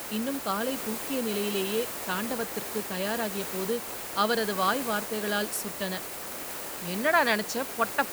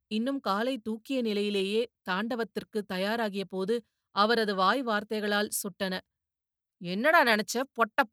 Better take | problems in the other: second | hiss; loud; throughout; 4 dB below the speech

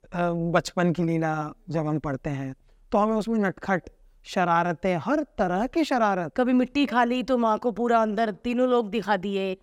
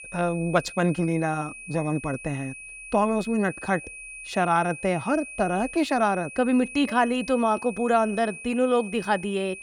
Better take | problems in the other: first | high-pitched whine; noticeable; throughout; 2.5 kHz, 15 dB below the speech

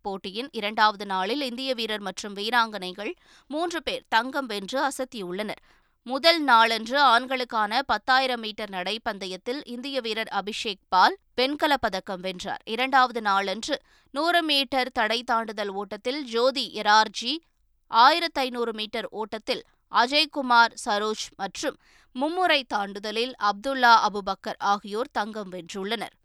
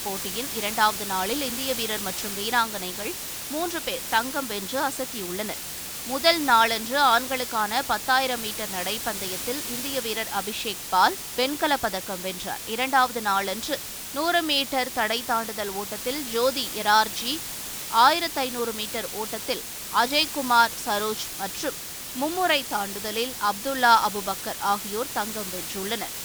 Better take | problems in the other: first | hiss; loud; throughout; 6 dB below the speech

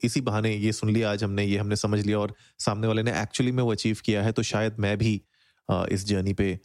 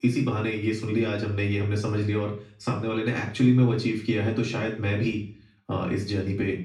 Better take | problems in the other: first | room echo; slight; dies away in 0.5 s // off-mic speech; far

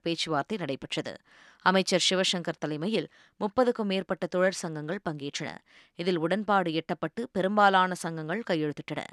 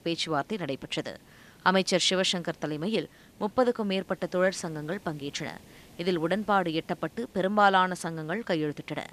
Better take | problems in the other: first | hiss; faint; throughout; 25 dB below the speech

